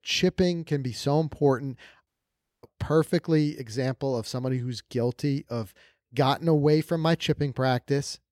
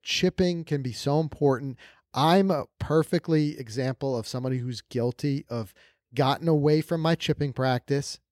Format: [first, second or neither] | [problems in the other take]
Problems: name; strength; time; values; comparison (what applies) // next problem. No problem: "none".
second | audio cutting out; at 2 s for 0.5 s